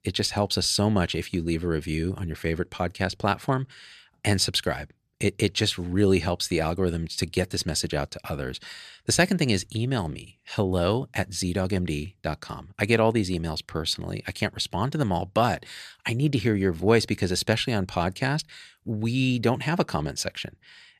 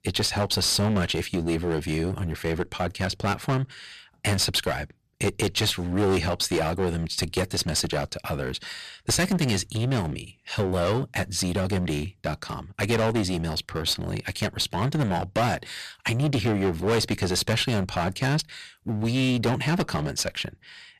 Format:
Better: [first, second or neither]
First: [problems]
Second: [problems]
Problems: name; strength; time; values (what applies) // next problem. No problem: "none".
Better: first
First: none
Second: distortion; heavy; 13% of the sound clipped